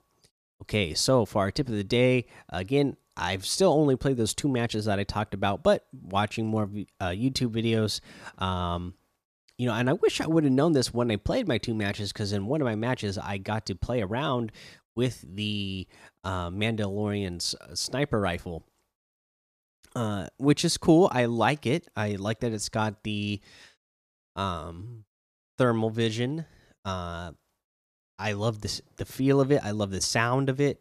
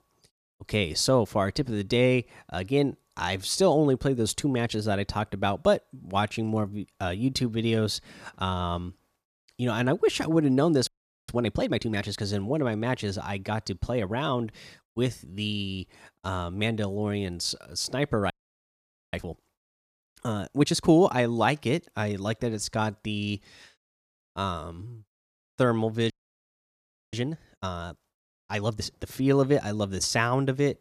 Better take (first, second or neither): first